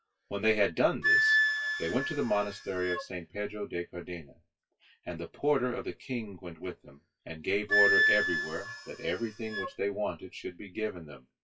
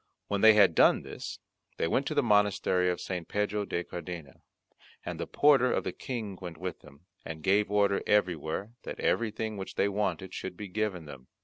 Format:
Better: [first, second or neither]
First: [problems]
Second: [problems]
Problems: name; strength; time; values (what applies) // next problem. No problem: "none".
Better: second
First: noise reduction (classical method WPE with log-MMSE)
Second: none